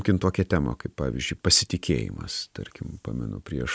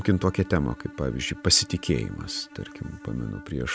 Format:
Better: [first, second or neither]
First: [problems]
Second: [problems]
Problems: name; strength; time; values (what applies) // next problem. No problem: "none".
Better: first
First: none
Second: background sound (Bowed string instrument); 18 dB below the speech